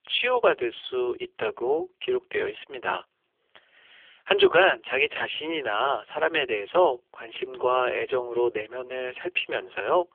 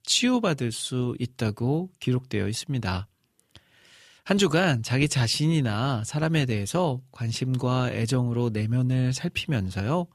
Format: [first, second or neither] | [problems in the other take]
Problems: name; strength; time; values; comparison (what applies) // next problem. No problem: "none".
second | phone-call audio; poor line; nothing above 3.5 kHz